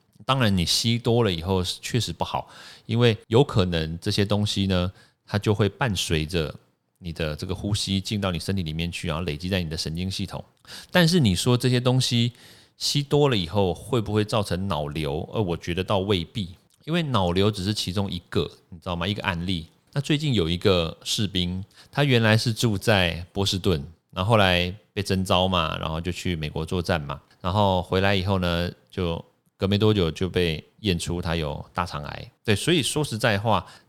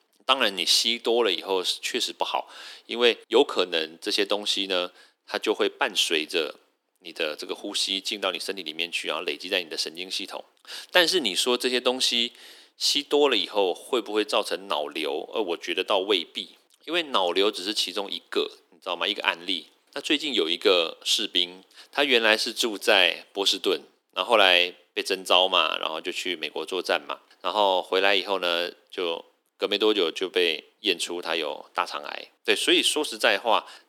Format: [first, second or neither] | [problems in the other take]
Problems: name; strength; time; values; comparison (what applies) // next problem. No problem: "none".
first | thin; very; fading below 300 Hz